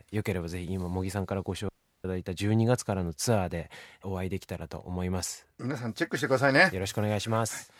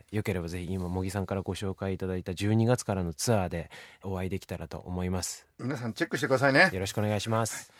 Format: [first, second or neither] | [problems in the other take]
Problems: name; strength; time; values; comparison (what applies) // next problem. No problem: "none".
second | audio cutting out; at 1.5 s